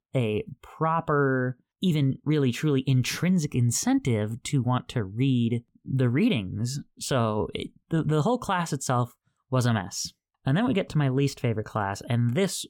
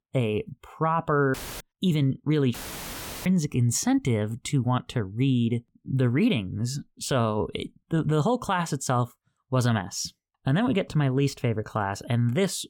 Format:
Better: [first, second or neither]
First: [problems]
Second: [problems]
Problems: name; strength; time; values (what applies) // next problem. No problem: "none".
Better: first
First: none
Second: audio cutting out; filled with static; at 1.5 s and at 2.5 s for 0.5 s